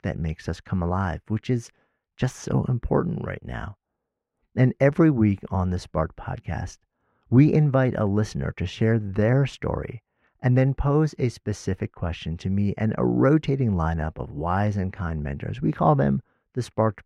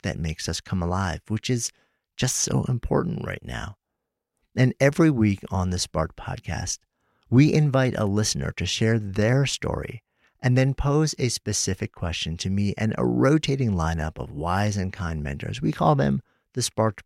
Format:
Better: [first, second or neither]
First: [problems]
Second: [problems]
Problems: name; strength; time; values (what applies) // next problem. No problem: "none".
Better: second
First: muffled; very; fading above 3 kHz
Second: none